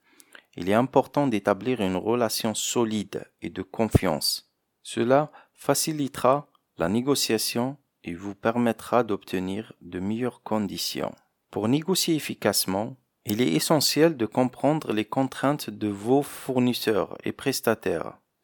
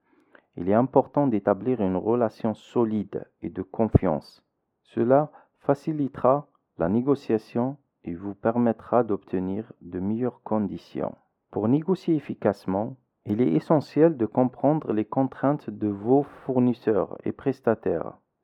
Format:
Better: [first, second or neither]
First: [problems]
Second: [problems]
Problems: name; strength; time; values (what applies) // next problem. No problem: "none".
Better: first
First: none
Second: muffled; very; fading above 3 kHz